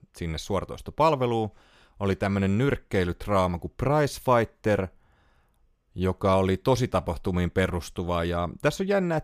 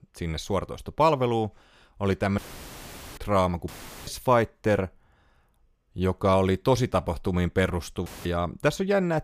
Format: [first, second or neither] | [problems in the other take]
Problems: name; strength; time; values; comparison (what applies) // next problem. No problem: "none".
first | audio cutting out; filled with static; at 2.5 s for 1 s, at 3.5 s and at 8 s